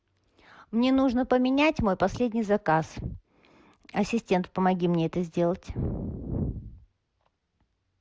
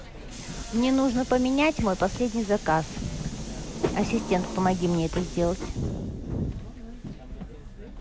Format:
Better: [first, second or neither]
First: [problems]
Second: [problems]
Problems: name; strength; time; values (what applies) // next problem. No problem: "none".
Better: first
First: none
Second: background sound (Subway, metro, underground); 8 dB below the speech